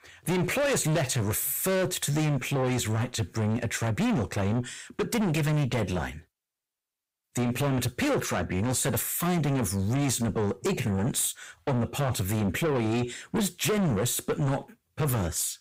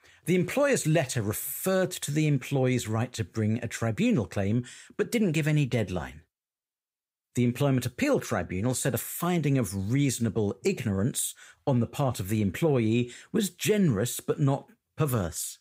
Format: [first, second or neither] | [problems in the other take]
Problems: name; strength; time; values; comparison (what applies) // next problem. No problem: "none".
second | distortion; heavy; 6 dB below the speech